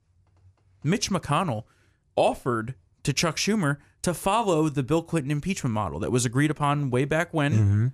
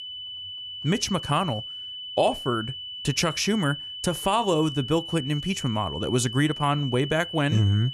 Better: first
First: none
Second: high-pitched whine; loud; throughout; 3 kHz, 8 dB below the speech

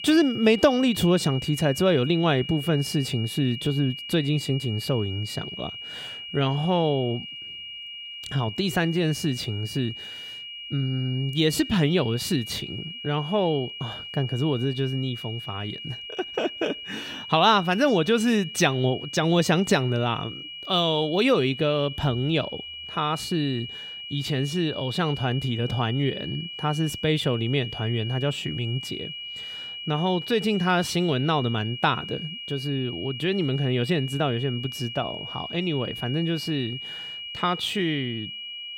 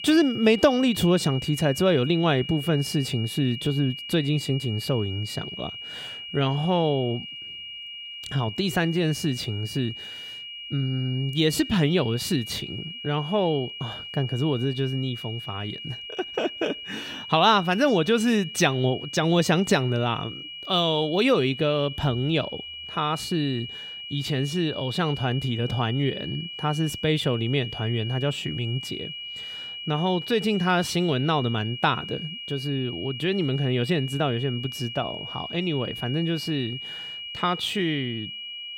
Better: neither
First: high-pitched whine; loud; throughout; 3 kHz, 9 dB below the speech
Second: high-pitched whine; loud; throughout; 3 kHz, 9 dB below the speech

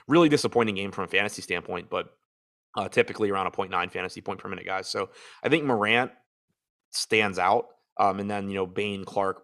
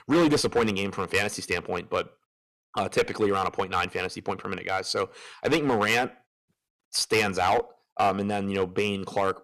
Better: first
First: none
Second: distortion; heavy; 5% of the sound clipped

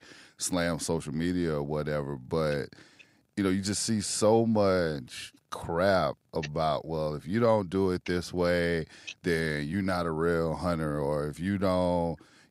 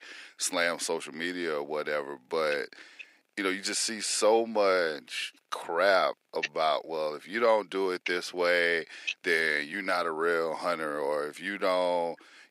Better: first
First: none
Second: thin; somewhat; fading below 350 Hz

